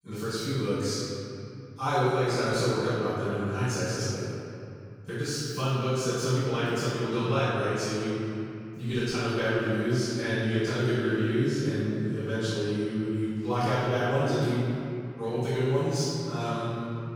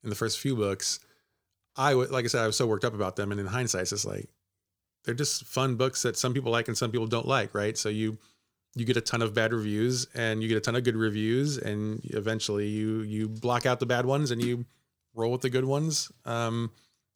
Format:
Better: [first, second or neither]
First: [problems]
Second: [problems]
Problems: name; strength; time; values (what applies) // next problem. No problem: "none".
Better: second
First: room echo; strong; dies away in 2.7 s // off-mic speech; far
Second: none